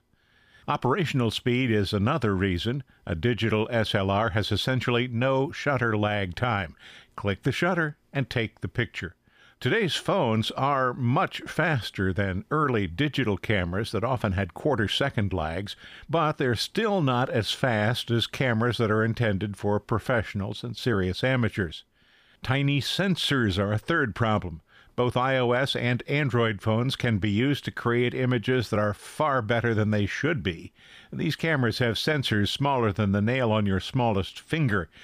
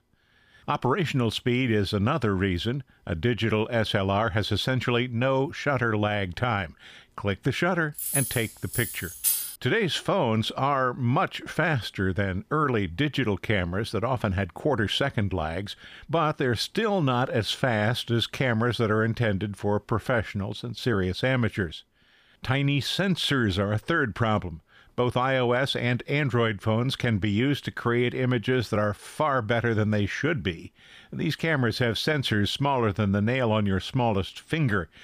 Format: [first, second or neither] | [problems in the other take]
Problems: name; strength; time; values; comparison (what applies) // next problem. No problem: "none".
first | jangling keys; loud; from 8 to 9.5 s; peak 2 dB above the speech